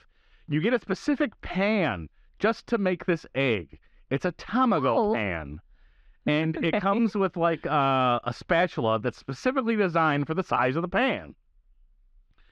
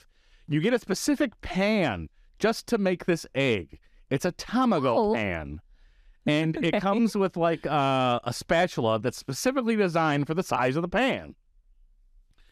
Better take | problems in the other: second | muffled; slightly; fading above 3 kHz

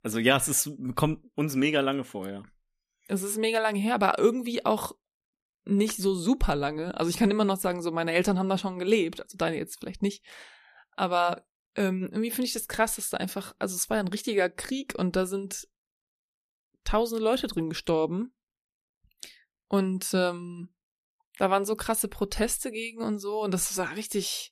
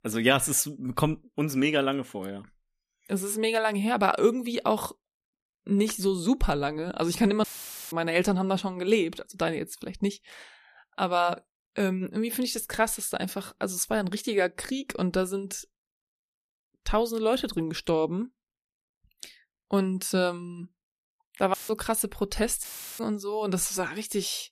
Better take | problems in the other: first | audio cutting out; filled with static; at 7.5 s, at 22 s and at 23 s

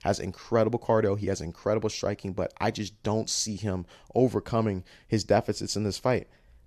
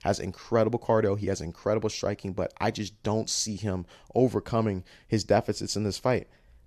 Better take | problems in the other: neither | none

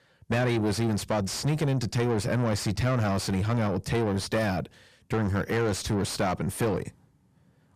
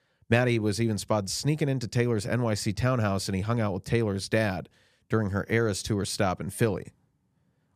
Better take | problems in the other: second | distortion; heavy; 7 dB below the speech

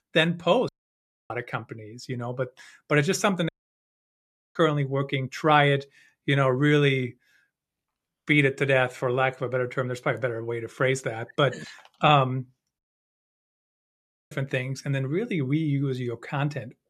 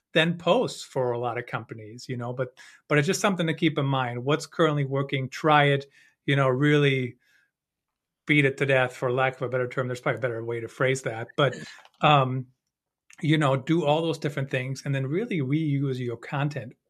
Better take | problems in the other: second | audio cutting out; at 0.5 s for 0.5 s, at 3.5 s for 1 s and at 13 s for 1.5 s

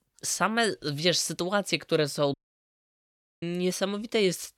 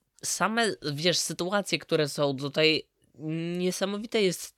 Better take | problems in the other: second | audio cutting out; at 2.5 s for 1 s

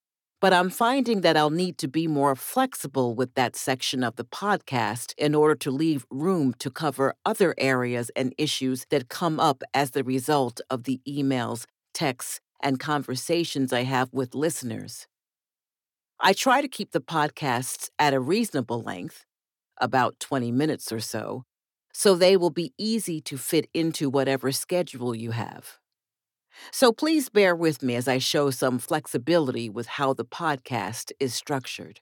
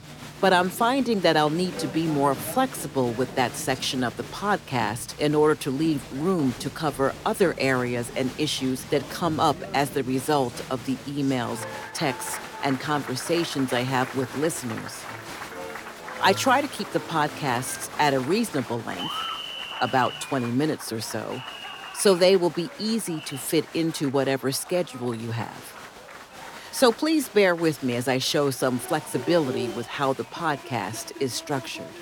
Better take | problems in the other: first | crowd noise; noticeable; throughout; 10 dB below the speech

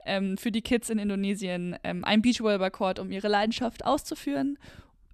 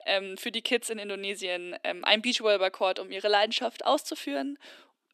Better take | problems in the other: first | thin; somewhat; fading below 300 Hz

